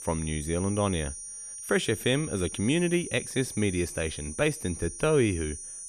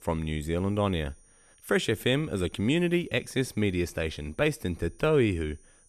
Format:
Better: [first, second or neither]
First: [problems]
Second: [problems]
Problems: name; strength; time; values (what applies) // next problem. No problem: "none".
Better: second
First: high-pitched whine; loud; throughout; 9.5 kHz, 9 dB below the speech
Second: high-pitched whine; faint; throughout; 9.5 kHz, 30 dB below the speech